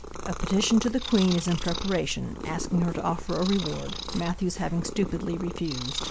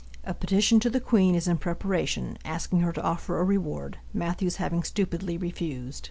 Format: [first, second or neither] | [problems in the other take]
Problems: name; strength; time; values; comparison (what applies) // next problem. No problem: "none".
second | background sound (Purr); 10 dB below the speech